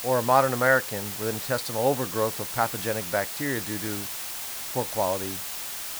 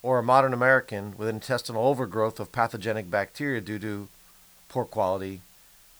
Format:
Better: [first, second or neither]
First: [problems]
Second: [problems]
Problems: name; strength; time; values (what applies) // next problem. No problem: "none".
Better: second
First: hiss; loud; throughout; 5 dB below the speech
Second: hiss; faint; throughout; 25 dB below the speech